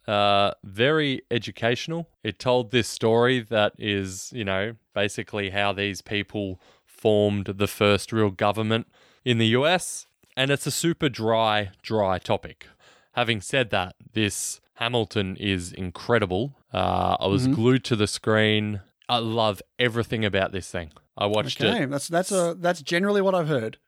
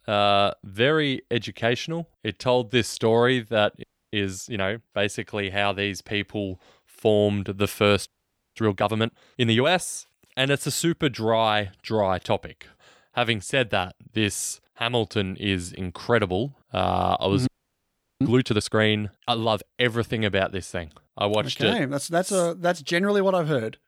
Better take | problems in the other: first | audio freezing; at 4 s, at 8 s and at 17 s for 0.5 s

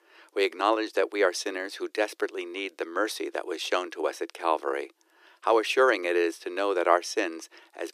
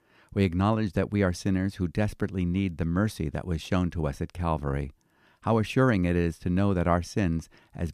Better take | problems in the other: second | thin; very; fading below 350 Hz

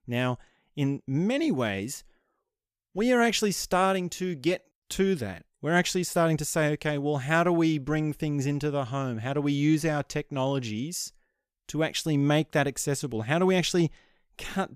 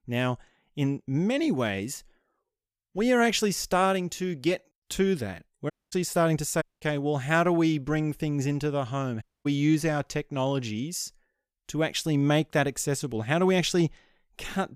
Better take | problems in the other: first | audio cutting out; at 5.5 s, at 6.5 s and at 9 s

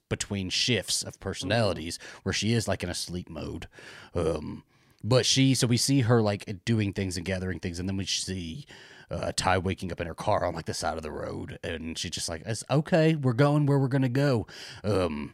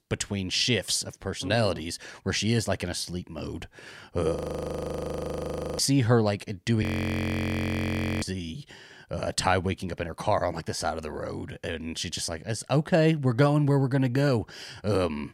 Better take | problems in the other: first | audio freezing; at 4.5 s for 1.5 s and at 7 s for 1.5 s

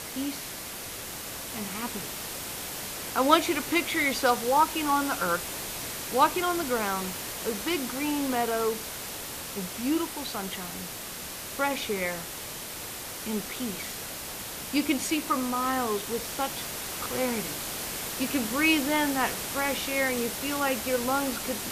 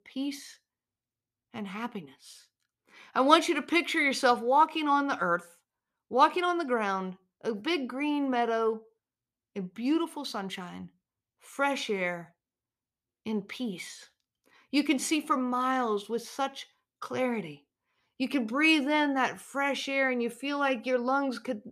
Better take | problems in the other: second | hiss; loud; throughout; 5 dB below the speech

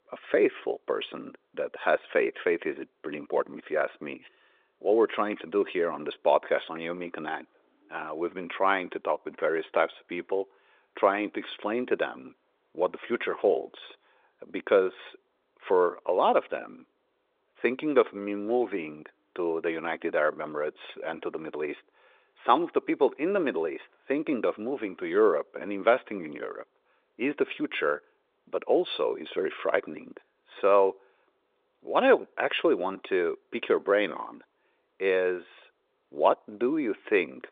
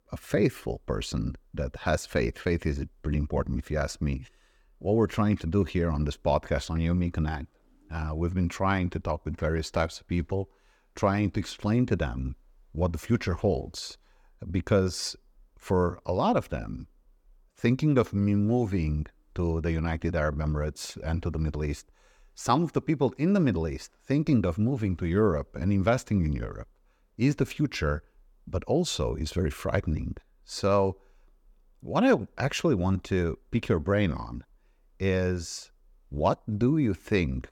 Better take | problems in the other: second | phone-call audio; nothing above 3.5 kHz

